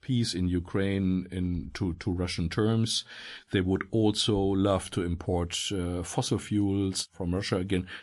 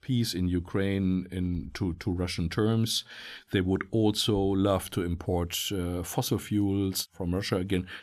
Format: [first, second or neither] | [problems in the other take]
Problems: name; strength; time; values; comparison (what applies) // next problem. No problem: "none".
second | garbled, watery; slightly; nothing above 11 kHz